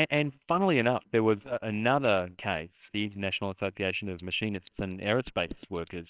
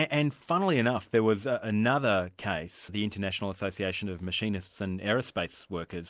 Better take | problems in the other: second | noise reduction (neural separator model SepFormer WHAMR!)

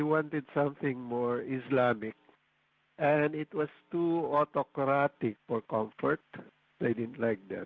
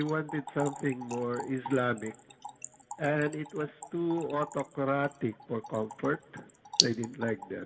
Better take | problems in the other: first | background sound (Trickle, dribble / Splash, splatter); 7 dB below the speech // room echo; dies away in 0.3 s

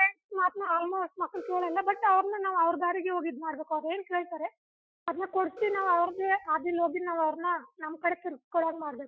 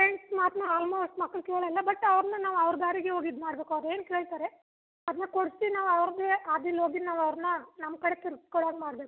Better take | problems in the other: second | noise reduction (classical method Wiener filter)

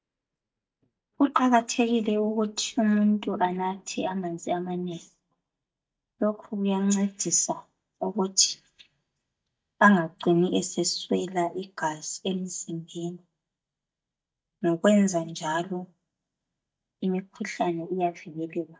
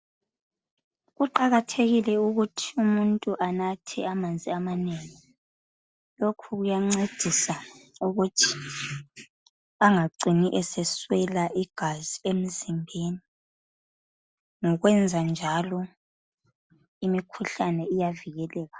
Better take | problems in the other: second | noise reduction (neural mask model DeepFilterNet 3)

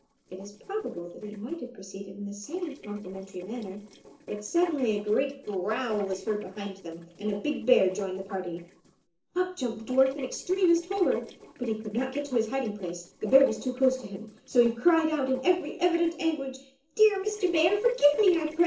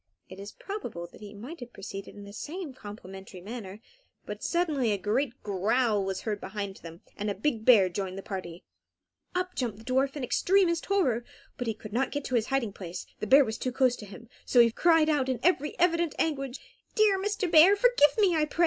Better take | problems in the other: second | noise reduction (neural separator model SepFormer DNS4)

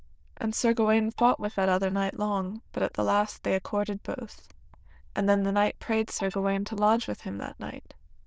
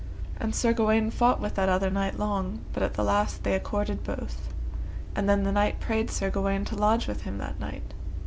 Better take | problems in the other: second | noise reduction (neural diffusion model UNIVERSE++)

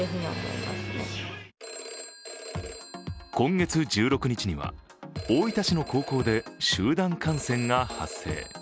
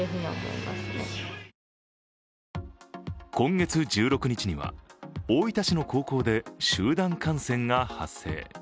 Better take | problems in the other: second | background sound (Telephone); 15 dB below the speech

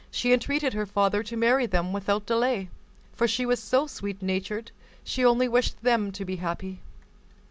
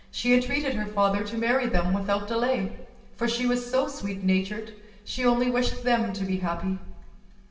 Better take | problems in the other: first | room echo; dies away in 0.9 s

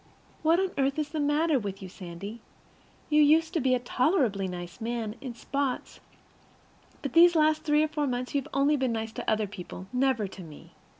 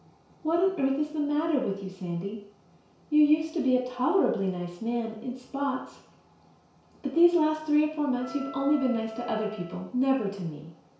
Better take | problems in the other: first | background sound (Wind instrument, woodwind instrument); 15 dB below the speech // room echo; dies away in 0.6 s

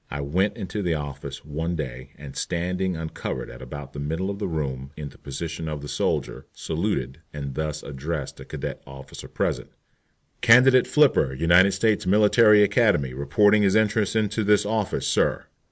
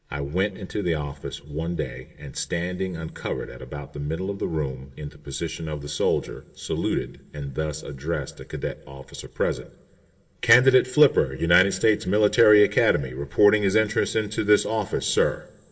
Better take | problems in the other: first | room echo; dies away in 1.1 s

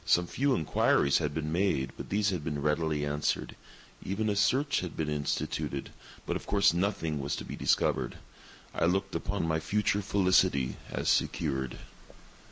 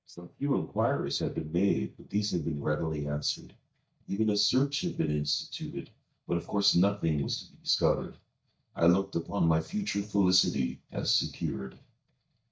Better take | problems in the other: first | noise reduction (neural mask model DeepFilterNet 3)

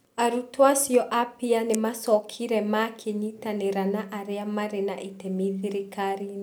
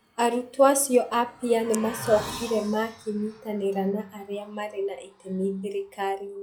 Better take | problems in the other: first | noise reduction (classical method log-MMSE)

